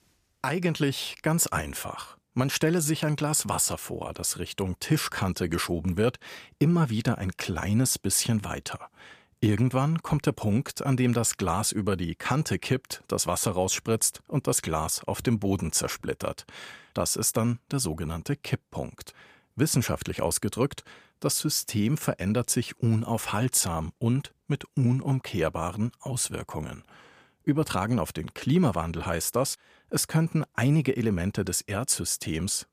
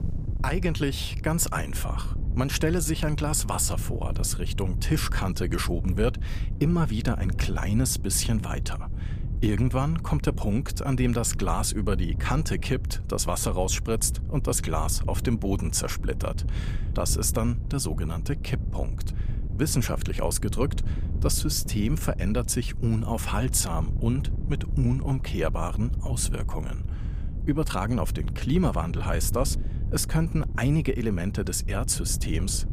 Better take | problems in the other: first | wind noise on the microphone; occasional gusts; 15 dB below the speech

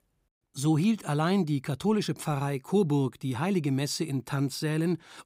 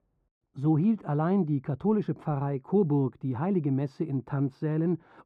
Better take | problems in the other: first | muffled; very; fading above 3 kHz

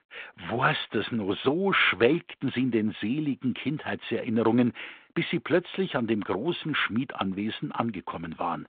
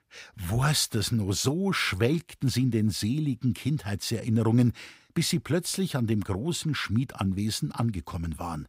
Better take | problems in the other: second | phone-call audio; nothing above 3.5 kHz

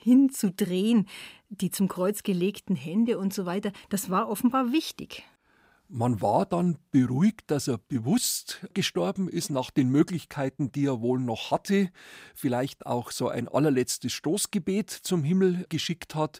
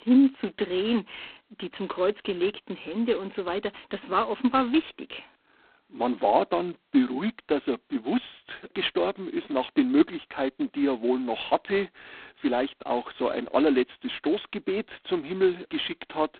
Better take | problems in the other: first | phone-call audio; poor line; nothing above 3.5 kHz

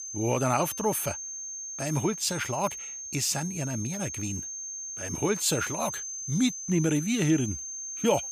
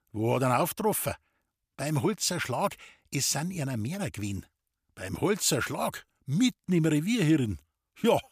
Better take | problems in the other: second | high-pitched whine; loud; throughout; 6.5 kHz, 6 dB below the speech

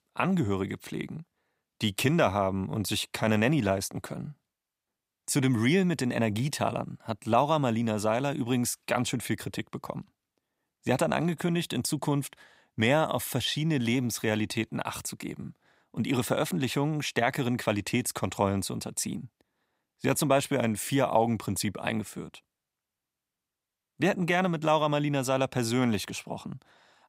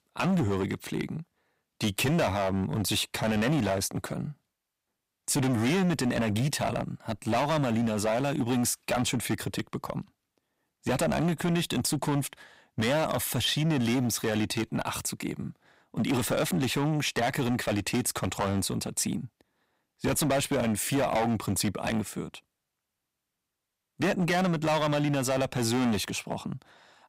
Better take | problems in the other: first | distortion; heavy; 13% of the sound clipped

